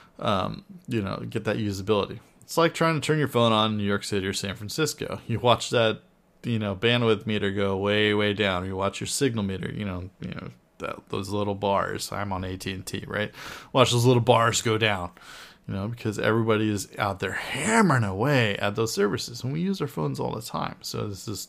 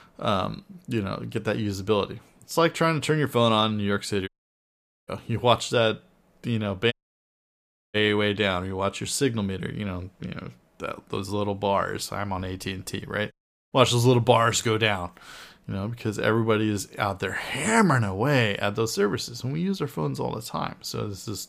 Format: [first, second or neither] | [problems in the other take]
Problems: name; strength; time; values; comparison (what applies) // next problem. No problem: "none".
first | audio cutting out; at 4.5 s for 1 s, at 7 s for 1 s and at 13 s